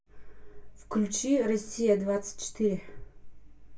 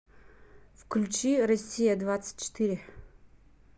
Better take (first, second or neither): second